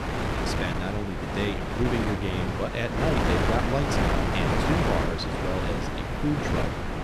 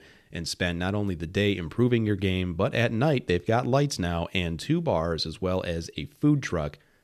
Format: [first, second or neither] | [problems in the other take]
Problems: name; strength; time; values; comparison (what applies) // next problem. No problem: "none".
second | wind noise on the microphone; heavy; 4 dB above the speech